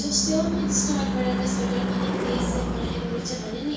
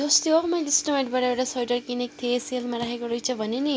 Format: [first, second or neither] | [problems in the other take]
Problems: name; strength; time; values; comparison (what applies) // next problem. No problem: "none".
second | background sound (Car passing by / Engine / Truck); 2 dB above the speech // room echo; dies away in 0.6 s